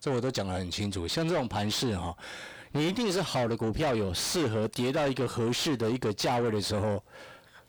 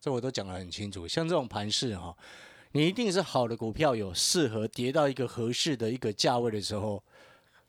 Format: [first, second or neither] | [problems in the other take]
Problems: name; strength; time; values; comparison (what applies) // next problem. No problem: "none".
second | distortion; heavy; 6 dB below the speech